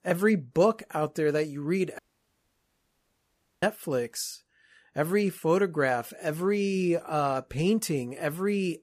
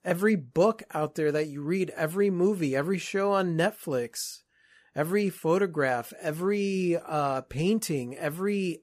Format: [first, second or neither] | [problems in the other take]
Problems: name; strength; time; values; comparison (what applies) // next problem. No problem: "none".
second | audio cutting out; at 2 s for 1.5 s